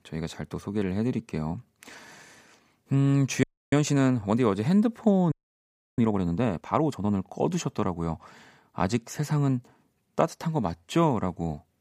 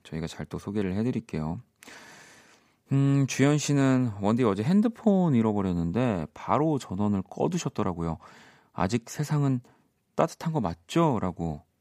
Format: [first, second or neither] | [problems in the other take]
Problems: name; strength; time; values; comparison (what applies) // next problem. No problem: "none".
second | audio freezing; at 3.5 s and at 5.5 s for 0.5 s